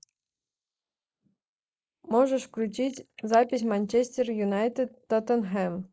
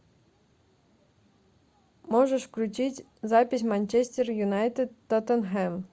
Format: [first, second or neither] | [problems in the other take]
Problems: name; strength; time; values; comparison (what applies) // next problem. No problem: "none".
second | noise reduction (neural mask model Resemble Enhance denoiser)